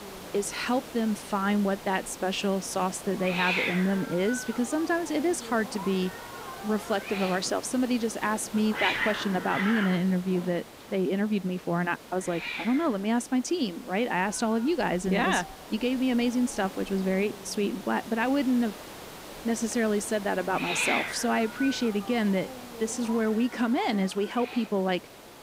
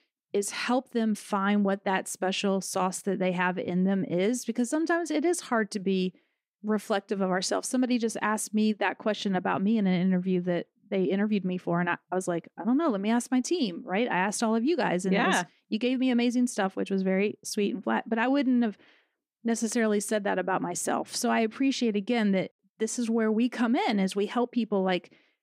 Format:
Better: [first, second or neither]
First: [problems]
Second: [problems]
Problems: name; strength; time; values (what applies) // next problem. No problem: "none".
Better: second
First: hiss; loud; throughout; 8 dB below the speech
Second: none